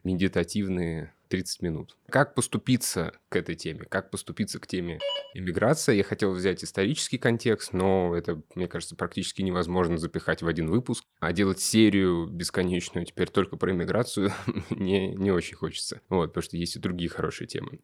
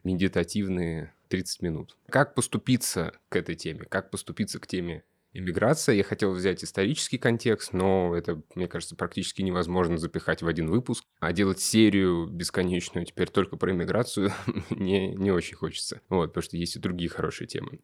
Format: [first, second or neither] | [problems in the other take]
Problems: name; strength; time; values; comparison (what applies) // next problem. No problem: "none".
second | phone ringing; noticeable; at 5 s; peak 4 dB below the speech